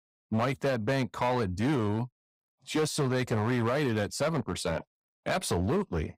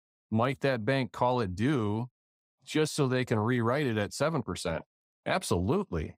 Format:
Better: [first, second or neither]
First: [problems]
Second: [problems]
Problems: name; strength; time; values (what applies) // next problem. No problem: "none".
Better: second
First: distortion; slight; 9% of the sound clipped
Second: none